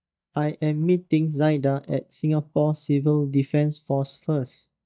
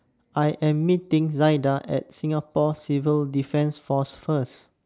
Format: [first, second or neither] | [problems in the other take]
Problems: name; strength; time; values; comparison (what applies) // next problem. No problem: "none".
second | noise reduction (neural mask model DeepFilterNet 3)